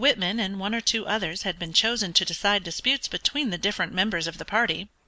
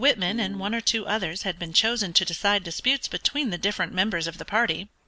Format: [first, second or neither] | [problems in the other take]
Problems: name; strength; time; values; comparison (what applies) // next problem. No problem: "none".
first | background sound (Piano); 13 dB below the speech